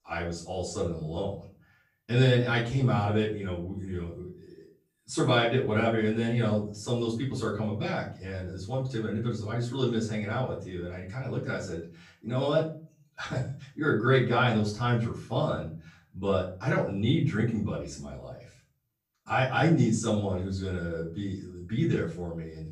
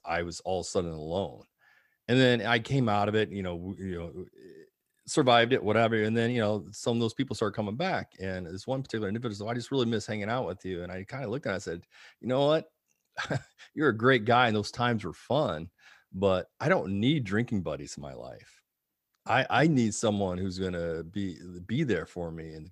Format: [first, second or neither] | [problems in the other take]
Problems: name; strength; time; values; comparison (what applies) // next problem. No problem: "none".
second | off-mic speech; far // room echo; noticeable; dies away in 0.4 s